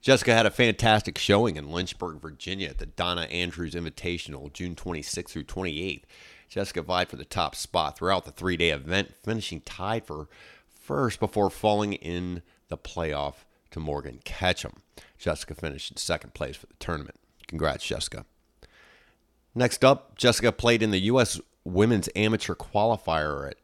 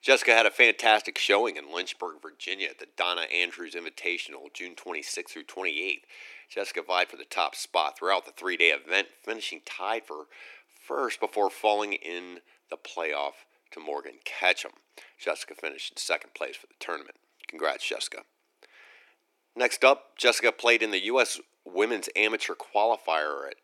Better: first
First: none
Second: thin; very; fading below 300 Hz

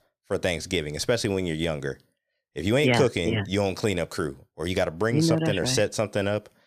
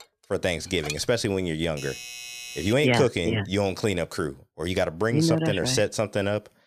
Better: first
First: none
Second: clattering dishes; noticeable; until 1 s; peak 9 dB below the speech // doorbell; faint; from 1.5 to 2.5 s; peak 10 dB below the speech

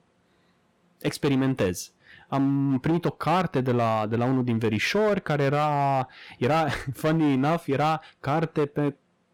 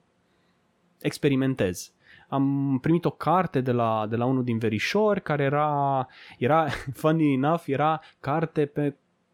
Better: second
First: distortion; slight; 10% of the sound clipped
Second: none

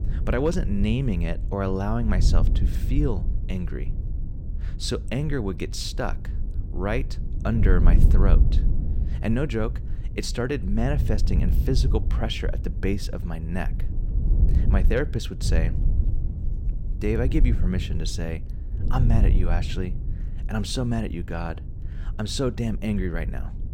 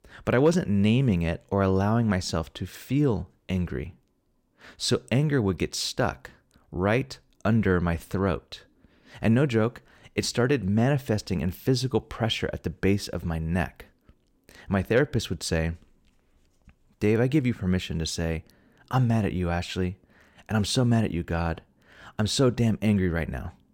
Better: second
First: wind noise on the microphone; occasional gusts; 10 dB below the speech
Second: none

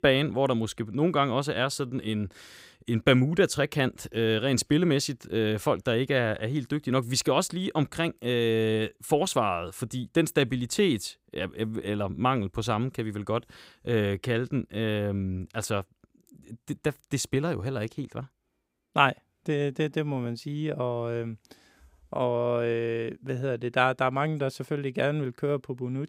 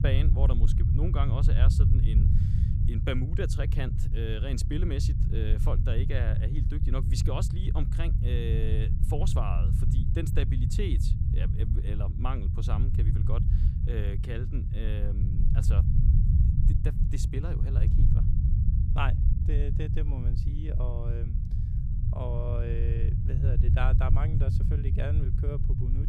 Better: first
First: none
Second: low rumble; loud; throughout; 3 dB below the speech

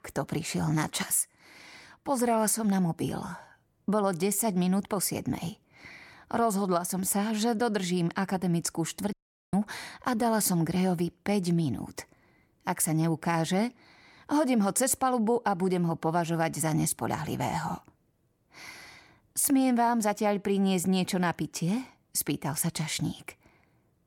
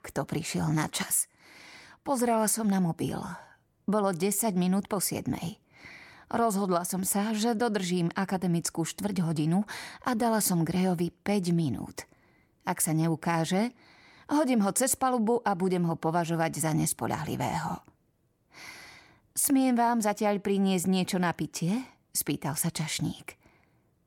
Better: second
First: audio cutting out; at 9 s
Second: none

